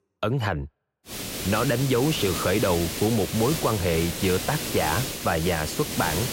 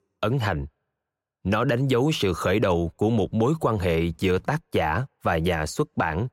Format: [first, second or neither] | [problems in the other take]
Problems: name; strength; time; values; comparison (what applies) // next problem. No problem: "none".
second | hiss; loud; from 1 s on; 5 dB below the speech